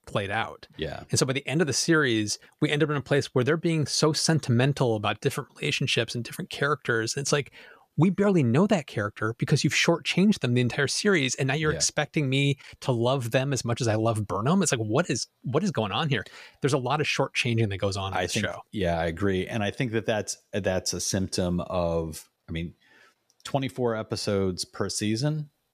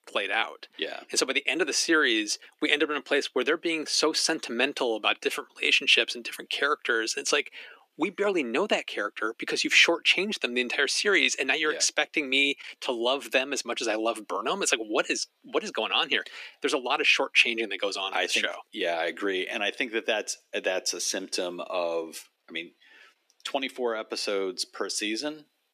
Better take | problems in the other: first | thin; somewhat; fading below 250 Hz

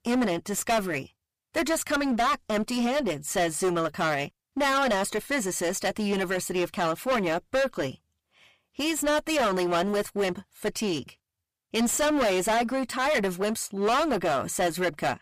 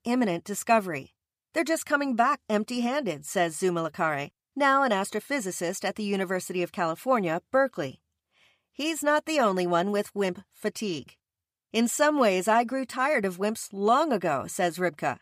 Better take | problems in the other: second | distortion; heavy; 18% of the sound clipped

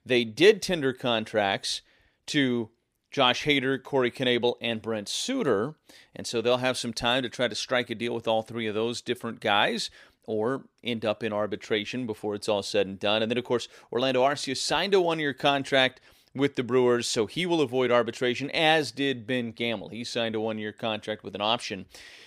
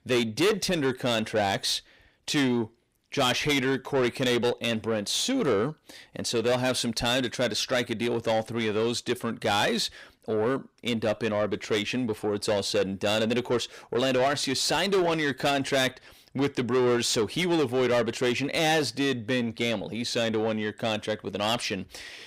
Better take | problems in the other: first | distortion; heavy; 7 dB below the speech

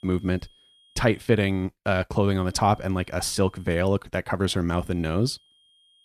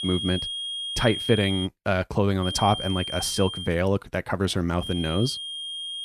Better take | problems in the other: first | high-pitched whine; loud; until 1.5 s, from 2.5 to 3.5 s and from 5 s on; 3.5 kHz, 5 dB below the speech; faint in the first

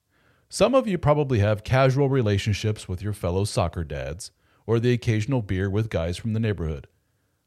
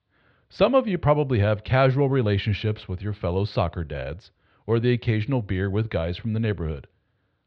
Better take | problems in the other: first | muffled; slightly; fading above 4 kHz

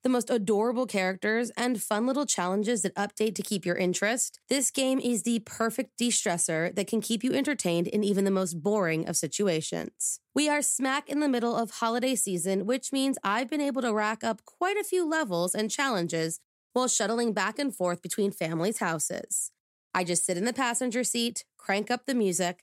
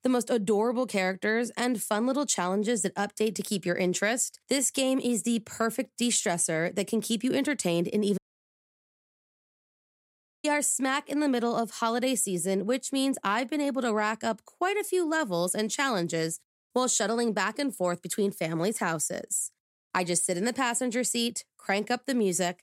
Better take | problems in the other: first | audio cutting out; at 8 s for 2.5 s

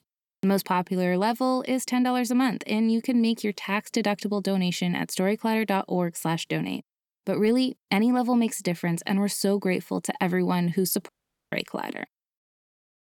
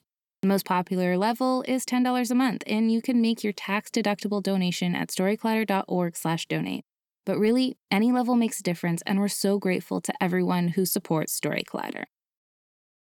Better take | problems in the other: second | audio cutting out; at 11 s

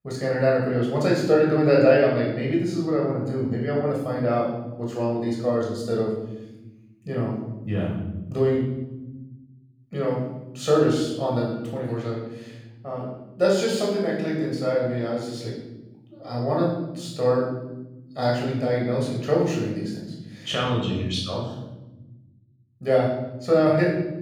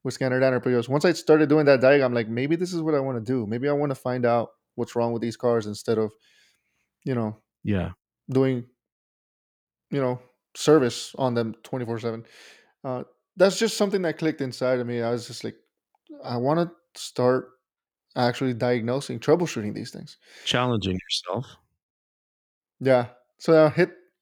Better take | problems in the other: second | off-mic speech; far // room echo; noticeable; dies away in 1.2 s

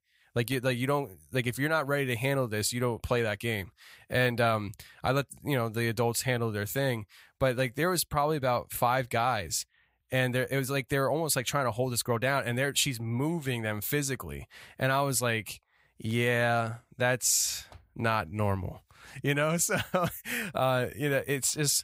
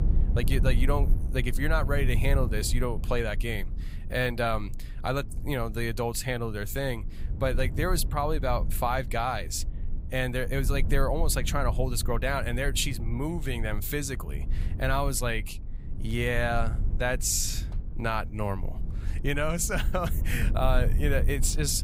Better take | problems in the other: first | low rumble; noticeable; throughout; 15 dB below the speech

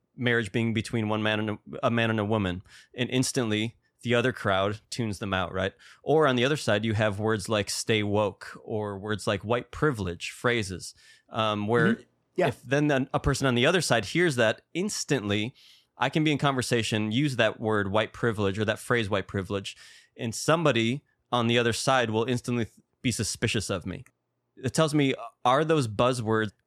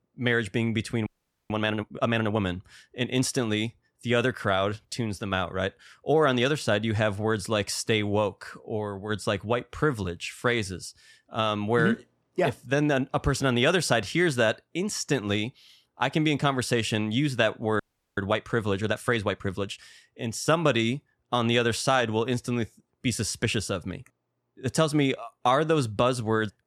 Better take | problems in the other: first | audio freezing; at 1 s and at 18 s

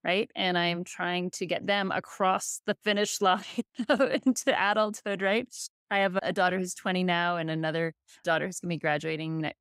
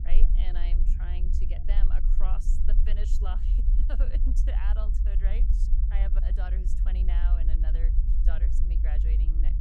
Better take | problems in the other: first | low rumble; loud; throughout; 4 dB below the speech

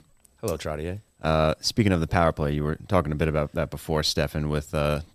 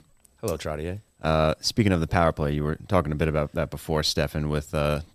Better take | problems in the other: neither | none

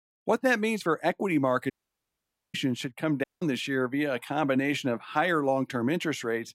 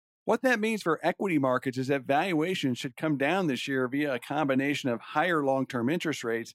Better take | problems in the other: second | audio cutting out; at 1.5 s for 1 s and at 3 s

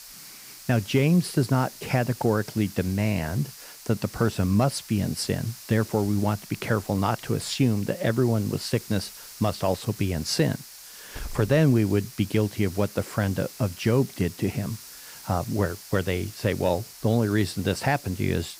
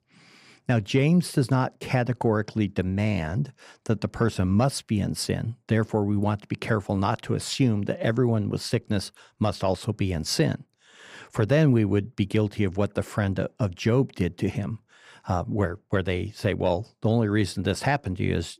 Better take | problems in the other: second | hiss; noticeable; throughout; 15 dB below the speech

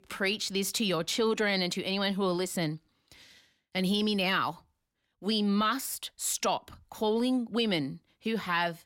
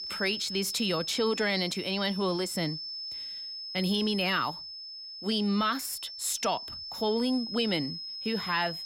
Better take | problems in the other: first | high-pitched whine; loud; throughout; 5 kHz, 7 dB below the speech

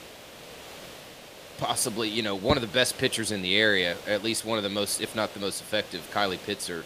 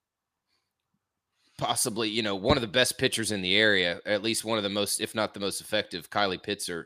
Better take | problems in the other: second | hiss; noticeable; throughout; 15 dB below the speech

